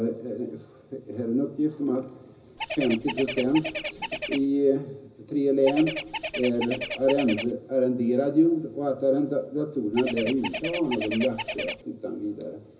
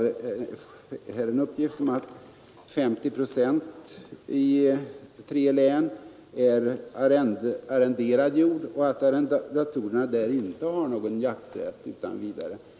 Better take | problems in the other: second | background sound (Bird); 7 dB below the speech // room echo; dies away in 0.4 s

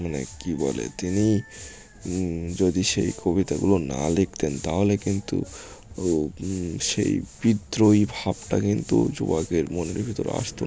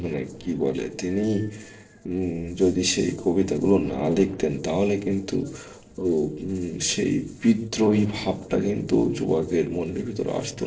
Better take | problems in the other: first | noise reduction (neural separator model SepFormer DNS4)

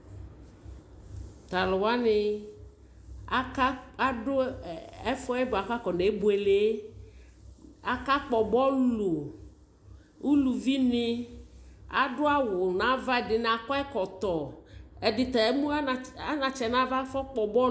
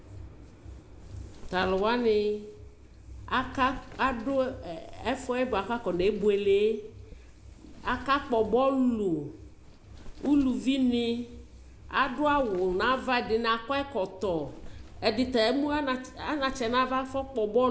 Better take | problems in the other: first | background sound (Wind); 19 dB below the speech

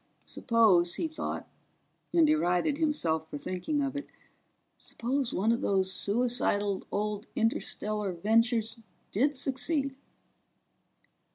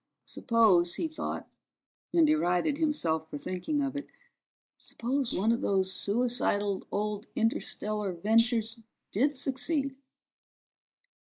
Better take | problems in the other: first | noise reduction (neural mask model Resemble Enhance denoiser)

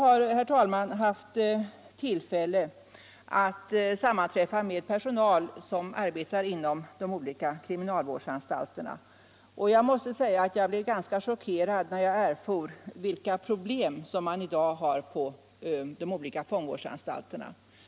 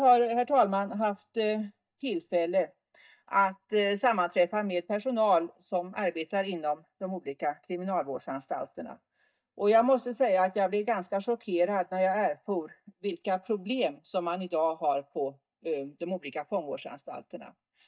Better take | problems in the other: first | noise reduction (neural mask model DeepFilterNet 3)

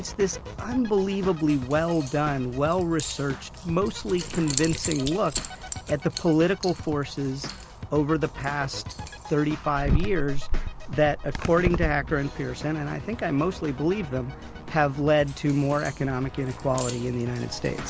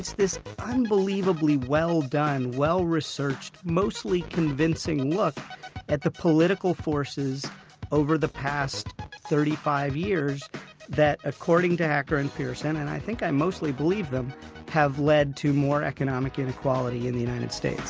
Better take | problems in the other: second | background sound (Keys jangling); 7 dB below the speech

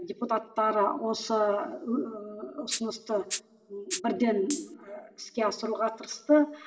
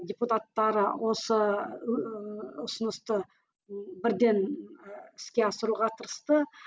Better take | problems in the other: second | background sound (Rattle (instrument)); 12 dB below the speech // room echo; dies away in 1.6 s

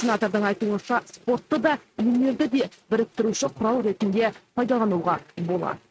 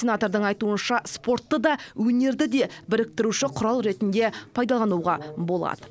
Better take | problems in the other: second | noise reduction (neural mask model RNNoise)

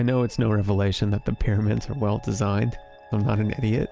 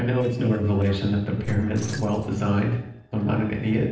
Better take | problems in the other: first | noise reduction (neural separator model SepFormer DNS4)

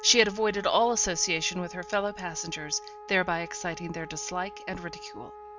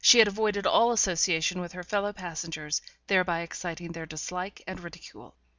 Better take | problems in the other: second | background sound (Wind instrument, woodwind instrument); 16 dB below the speech

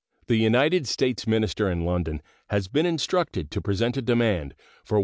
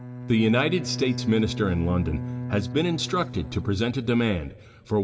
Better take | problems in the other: first | background sound (Bowed string instrument); 9 dB below the speech // room echo; dies away in 0.3 s

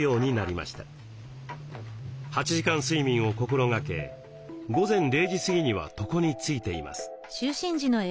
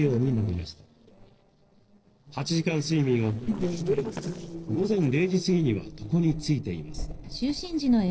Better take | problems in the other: first | noise reduction (neural separator model SepFormer DNS4)

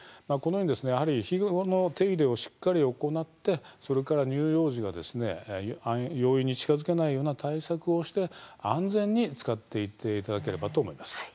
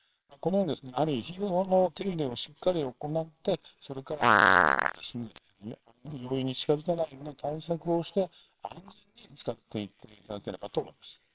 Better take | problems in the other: first | noise reduction (neural separator model SepFormer WHAMR!)

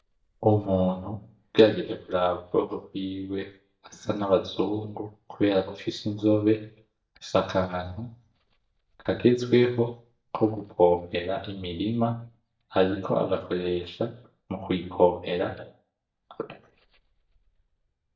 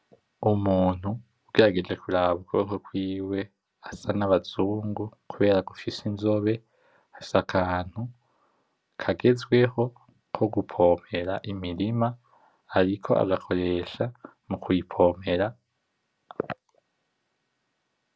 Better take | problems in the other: second | noise reduction (neural mask model DeepFilterNet 3)

